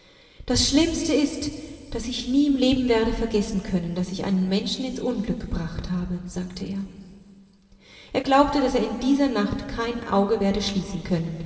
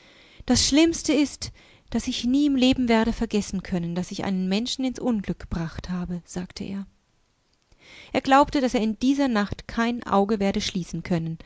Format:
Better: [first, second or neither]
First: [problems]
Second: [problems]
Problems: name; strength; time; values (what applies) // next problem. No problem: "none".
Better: second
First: room echo; dies away in 2.8 s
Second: none